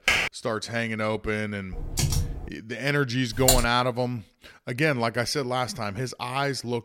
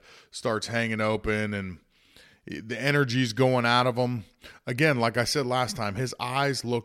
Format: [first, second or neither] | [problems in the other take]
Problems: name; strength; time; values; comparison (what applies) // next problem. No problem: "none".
second | keyboard typing; loud; at the start, at 1.5 s and at 3.5 s; peak 5 dB above the speech